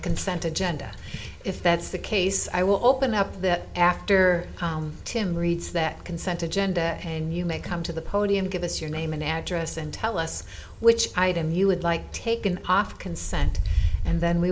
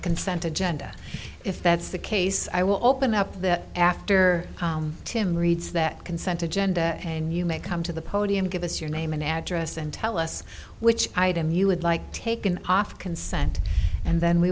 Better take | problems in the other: second | room echo; dies away in 0.4 s

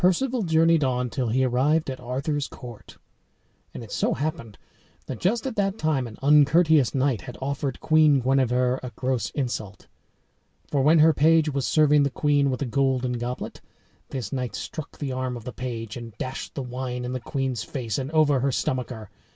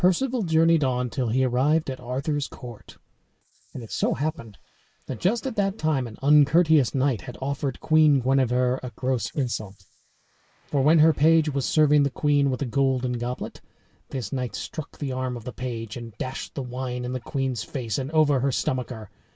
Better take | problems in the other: first | noise reduction (neural mask model Resemble Enhance denoiser)

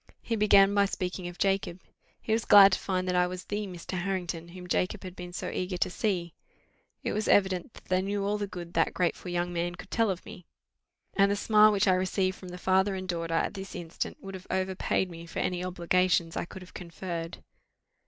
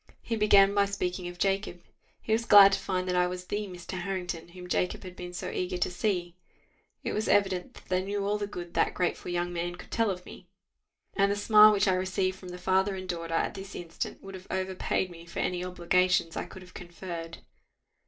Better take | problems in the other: first | room echo; dies away in 0.2 s

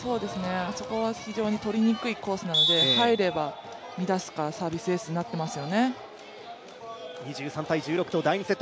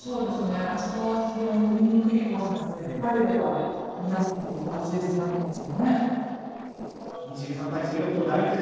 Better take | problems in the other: first | noise reduction (neural separator model SepFormer DNS4)

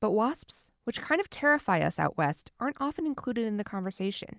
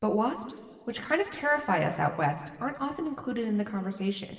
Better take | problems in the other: first | room echo; dies away in 2 s

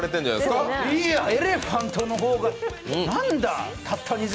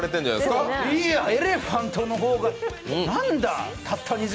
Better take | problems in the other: second | background sound (Typing + Dog); 20 dB below the speech

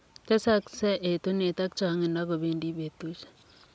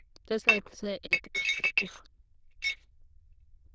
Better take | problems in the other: first | noise reduction (neural diffusion model UNIVERSE++)

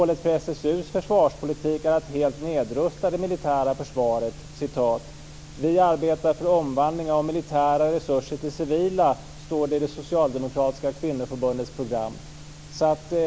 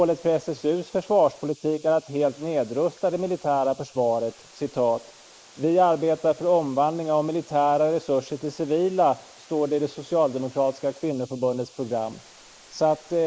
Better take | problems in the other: first | noise reduction (neural mask model Resemble Enhance denoiser)

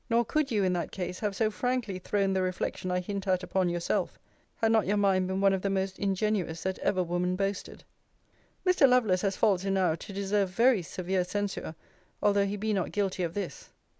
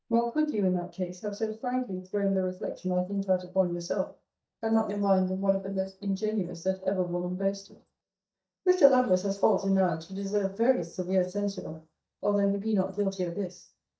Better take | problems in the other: first | noise reduction (neural mask model DeepFilterNet 3)

